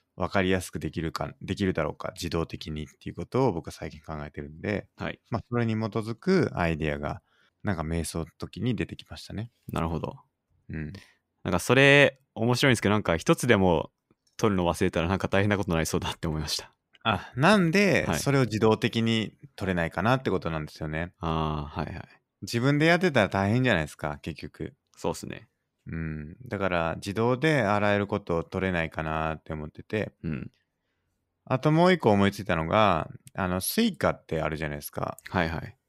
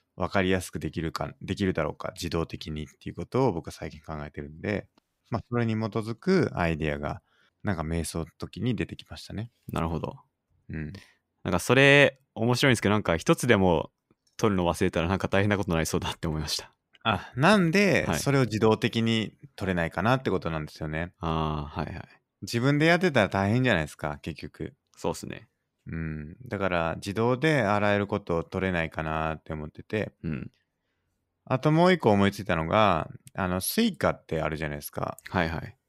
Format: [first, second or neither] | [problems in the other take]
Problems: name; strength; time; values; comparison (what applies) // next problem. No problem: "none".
first | audio cutting out; at 5 s